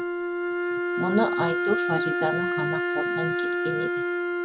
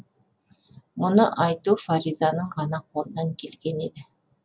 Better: second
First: background sound (Wind instrument, woodwind instrument); 4 dB above the speech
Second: none

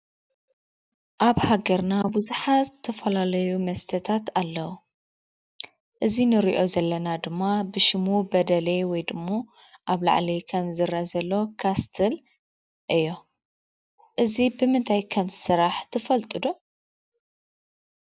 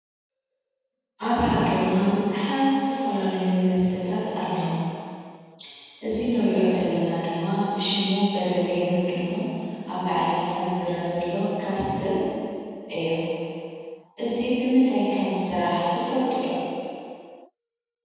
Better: first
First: none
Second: room echo; dies away in 2.1 s

